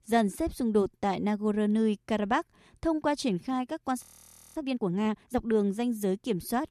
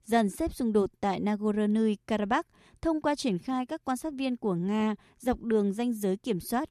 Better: second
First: audio freezing; at 4 s for 0.5 s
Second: none

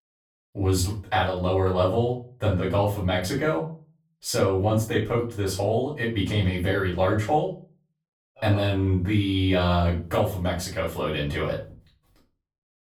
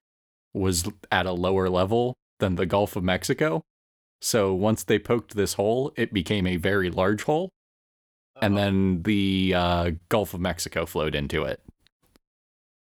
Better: second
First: room echo; slight; dies away in 0.3 s // off-mic speech; far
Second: none

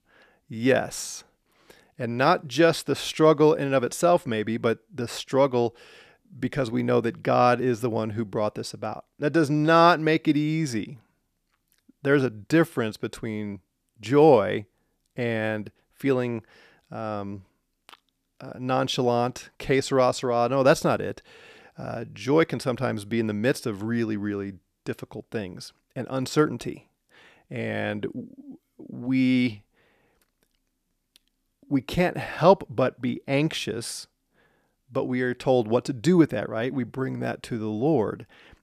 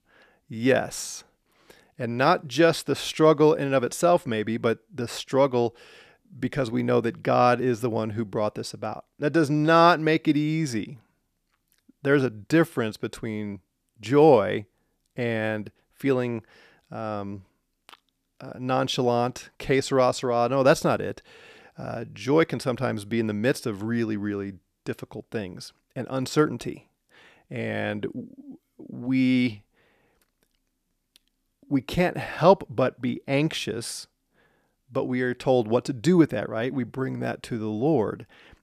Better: neither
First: none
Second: none

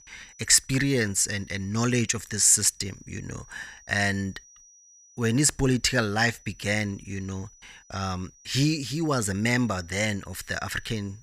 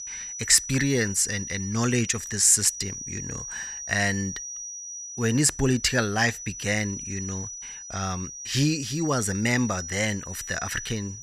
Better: first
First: high-pitched whine; faint; throughout; 6 kHz, 25 dB below the speech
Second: high-pitched whine; loud; throughout; 6 kHz, 10 dB below the speech

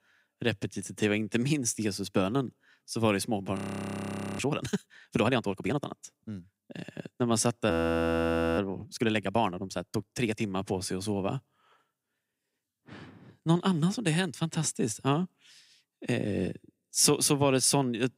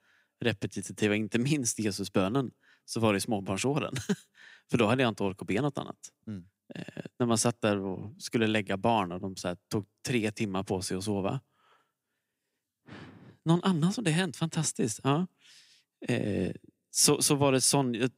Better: second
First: audio freezing; at 3.5 s for 1 s and at 7.5 s for 1 s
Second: none

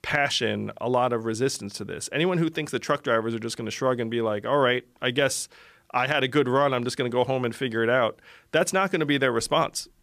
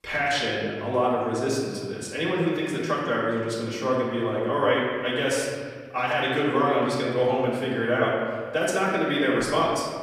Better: first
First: none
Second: off-mic speech; far // room echo; noticeable; dies away in 1.6 s

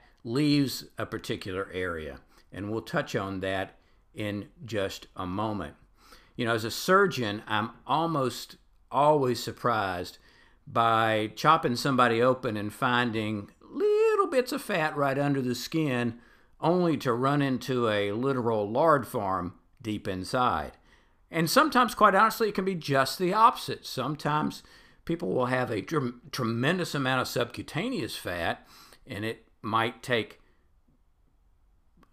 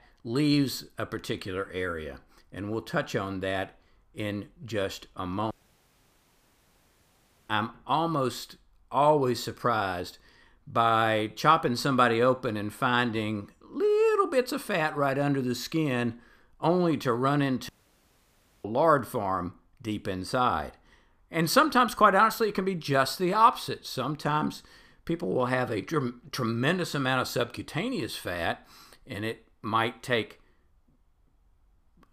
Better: first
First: none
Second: audio cutting out; at 5.5 s for 2 s and at 18 s for 1 s

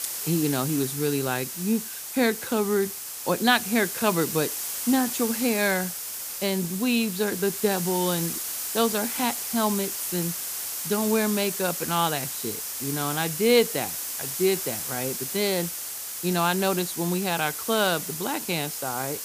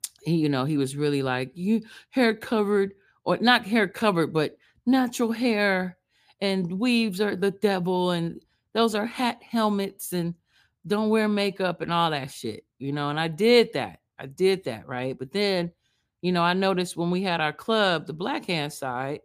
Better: second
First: hiss; loud; throughout; 4 dB below the speech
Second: none

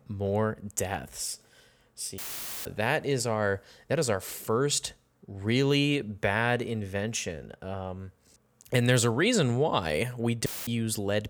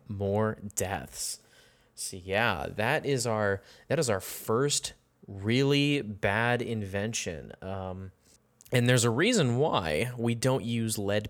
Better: second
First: audio cutting out; filled with static; at 2 s and at 10 s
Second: none

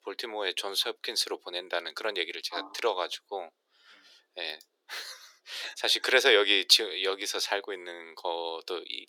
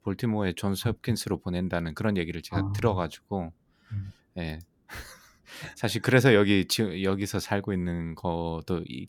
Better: second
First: thin; very; fading below 400 Hz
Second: none

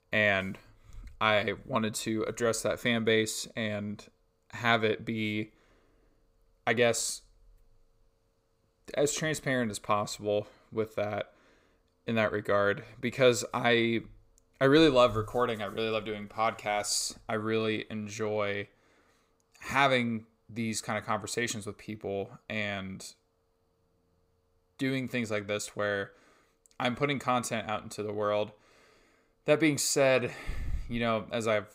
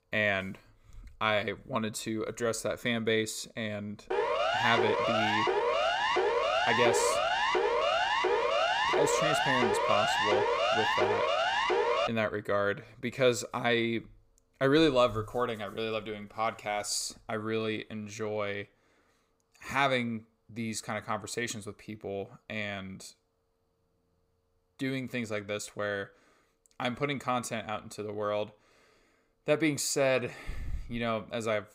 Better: first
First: none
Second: siren; loud; from 4 to 12 s; peak 5 dB above the speech

